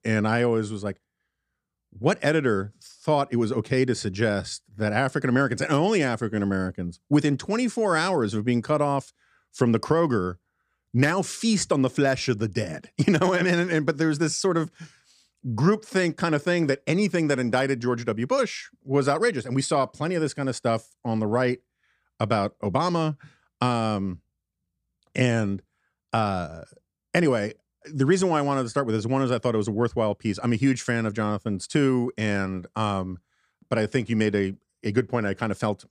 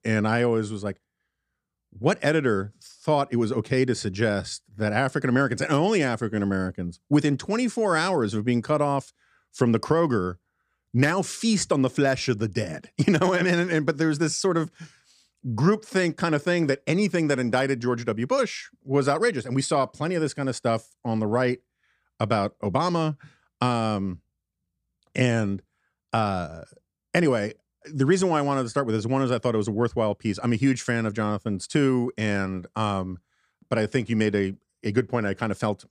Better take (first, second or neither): neither